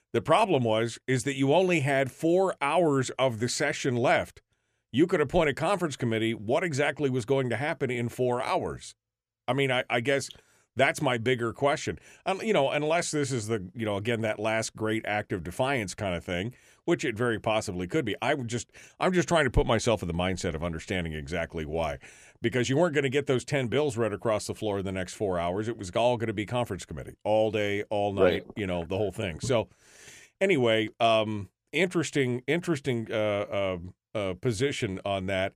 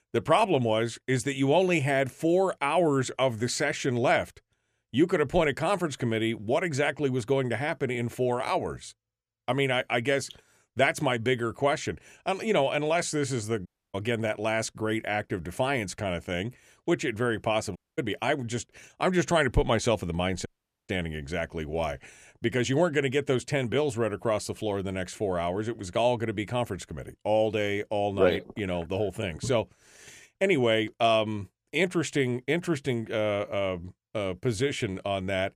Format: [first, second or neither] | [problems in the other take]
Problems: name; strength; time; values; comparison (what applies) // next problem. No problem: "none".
first | audio cutting out; at 14 s, at 18 s and at 20 s